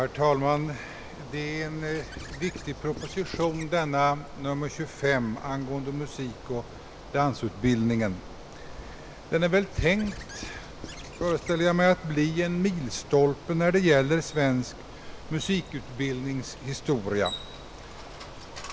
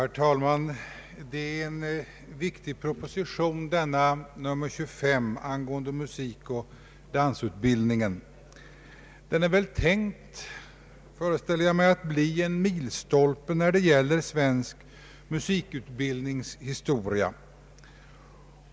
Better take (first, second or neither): second